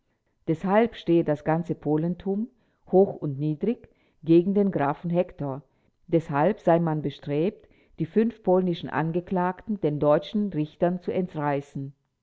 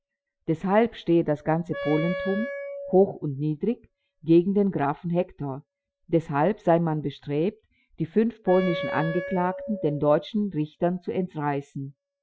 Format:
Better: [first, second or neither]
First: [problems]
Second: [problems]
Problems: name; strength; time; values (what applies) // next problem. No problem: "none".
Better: first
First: none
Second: noise reduction (classical method Wiener filter)